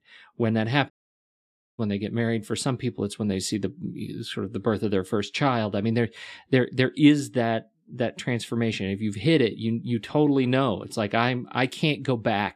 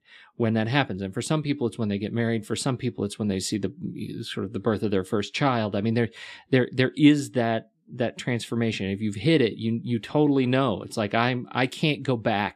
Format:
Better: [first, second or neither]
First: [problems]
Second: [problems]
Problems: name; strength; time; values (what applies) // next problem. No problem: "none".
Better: second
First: audio cutting out; at 1 s for 1 s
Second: none